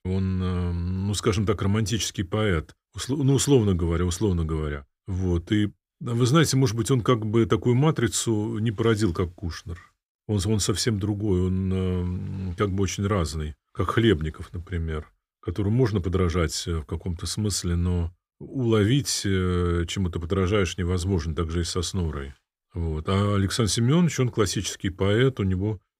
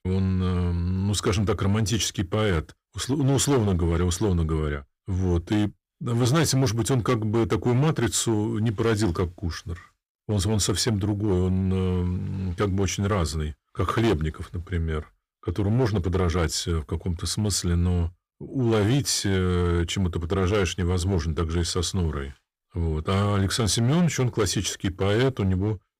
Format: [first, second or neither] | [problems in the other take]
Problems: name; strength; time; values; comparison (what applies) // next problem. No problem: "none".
first | distortion; slight; 8% of the sound clipped